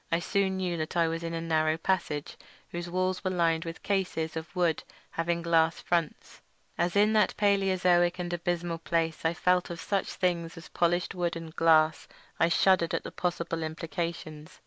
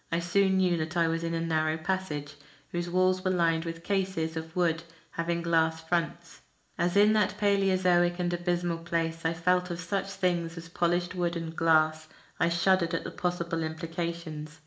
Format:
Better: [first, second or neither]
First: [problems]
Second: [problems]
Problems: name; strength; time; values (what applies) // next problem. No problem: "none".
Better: first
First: none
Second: room echo; dies away in 0.4 s